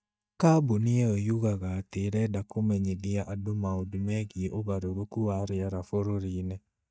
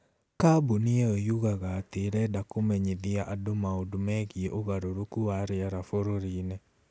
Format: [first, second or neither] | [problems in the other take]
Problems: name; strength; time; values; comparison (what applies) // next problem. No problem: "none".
second | noise reduction (neural mask model DeepFilterNet 3)